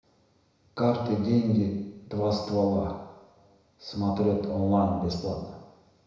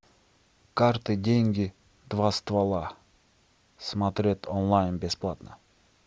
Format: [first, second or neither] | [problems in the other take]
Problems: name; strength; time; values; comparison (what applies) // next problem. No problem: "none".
second | room echo; dies away in 1 s